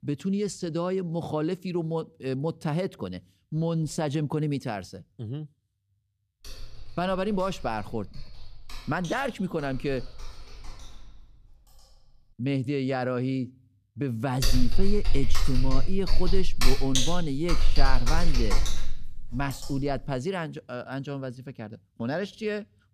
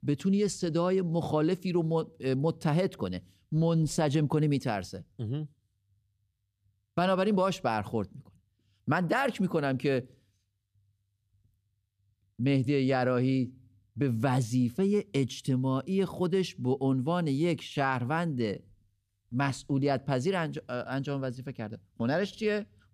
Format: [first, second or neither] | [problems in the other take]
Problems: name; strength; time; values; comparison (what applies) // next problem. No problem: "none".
second | keyboard typing; faint; from 6.5 to 12 s; peak 10 dB below the speech // keyboard typing; loud; from 14 to 20 s; peak 4 dB above the speech